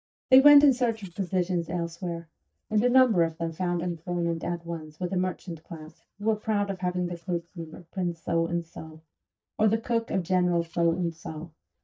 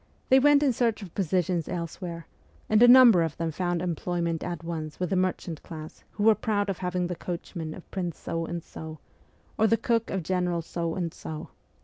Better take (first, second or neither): second